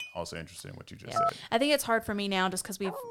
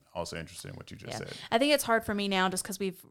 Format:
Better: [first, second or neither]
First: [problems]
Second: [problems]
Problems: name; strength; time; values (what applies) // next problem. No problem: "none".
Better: second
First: clattering dishes; faint; at the start; peak 15 dB below the speech // phone ringing; loud; at 1 s; peak level with the speech // dog barking; very faint; at 3 s; peak 10 dB below the speech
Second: none